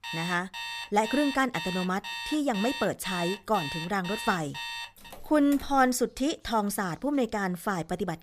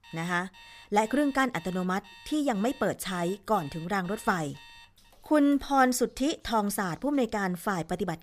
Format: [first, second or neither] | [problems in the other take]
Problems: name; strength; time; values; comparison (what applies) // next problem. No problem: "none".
second | alarms or sirens; loud; until 5.5 s; 8 dB below the speech; faint in the second